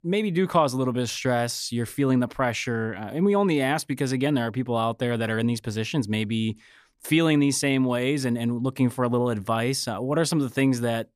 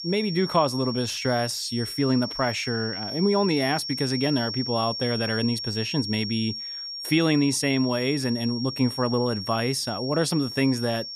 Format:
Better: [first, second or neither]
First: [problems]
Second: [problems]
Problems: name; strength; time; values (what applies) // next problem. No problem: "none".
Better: first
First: none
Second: high-pitched whine; loud; throughout; 5.5 kHz, 6 dB below the speech